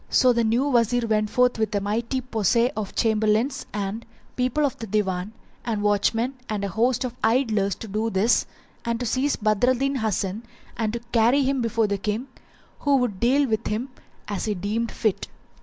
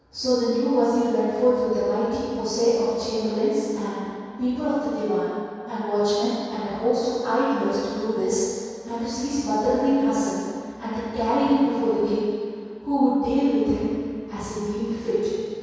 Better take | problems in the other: first | room echo; dies away in 2.2 s

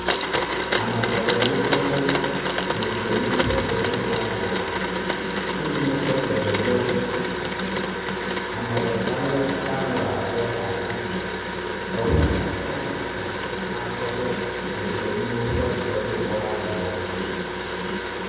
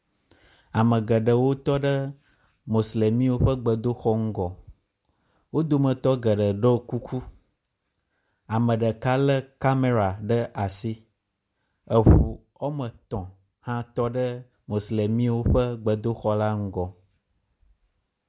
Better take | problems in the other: second | background sound (Domestic sounds, home sounds); 1 dB above the speech // room echo; dies away in 2.2 s

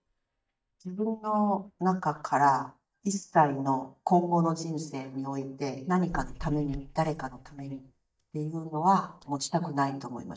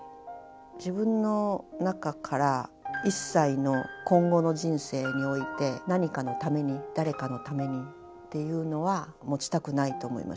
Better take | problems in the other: second | noise reduction (neural mask model DeepFilterNet 3)

